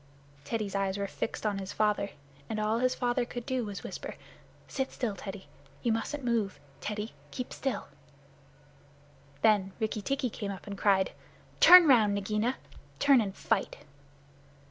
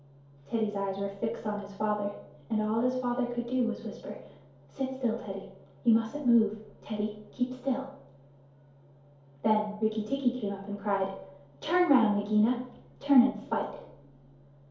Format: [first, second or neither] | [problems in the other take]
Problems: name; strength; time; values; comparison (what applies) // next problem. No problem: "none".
first | room echo; dies away in 2.4 s